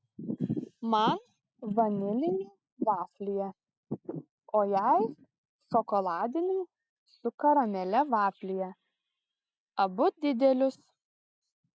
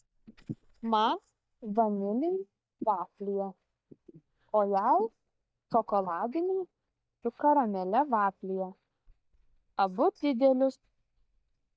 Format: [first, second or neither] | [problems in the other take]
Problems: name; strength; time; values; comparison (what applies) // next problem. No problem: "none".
first | noise reduction (neural mask model DeepFilterNet 3)